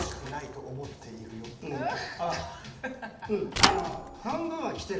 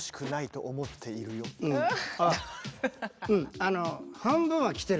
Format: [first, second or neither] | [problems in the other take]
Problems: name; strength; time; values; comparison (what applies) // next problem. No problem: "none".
second | background sound (Thump, thud / Bicycle); as loud as the speech // room echo; dies away in 0.8 s